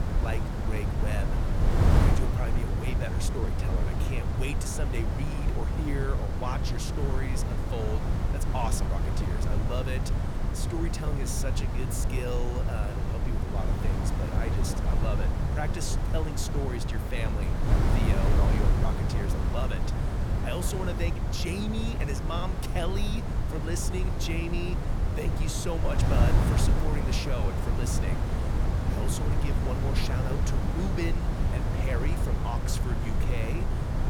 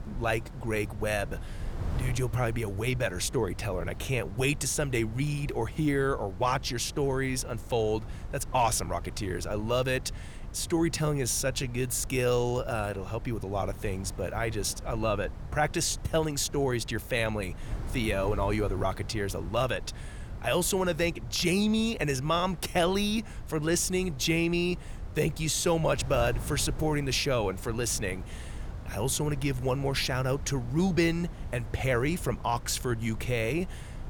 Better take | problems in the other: second | wind noise on the microphone; heavy; as loud as the speech; occasional gusts in the second

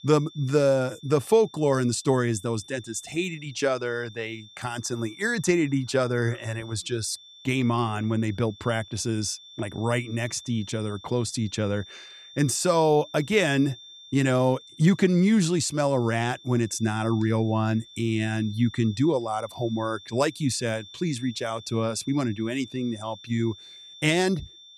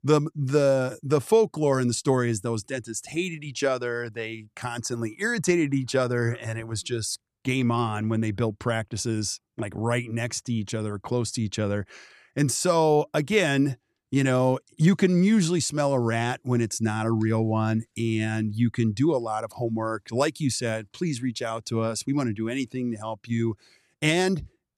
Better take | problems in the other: second | high-pitched whine; noticeable; throughout; 3.5 kHz, 20 dB below the speech

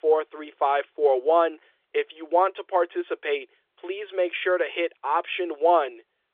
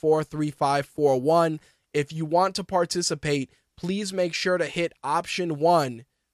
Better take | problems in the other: second | phone-call audio; nothing above 3.5 kHz

